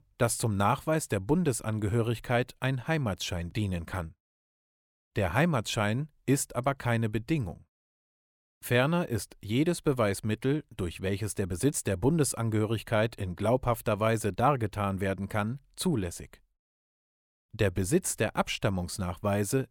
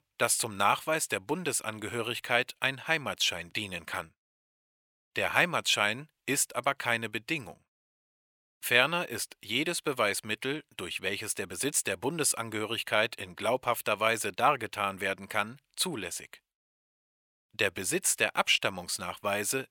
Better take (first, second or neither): first